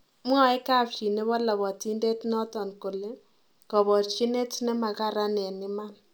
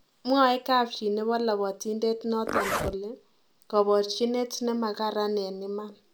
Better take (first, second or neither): first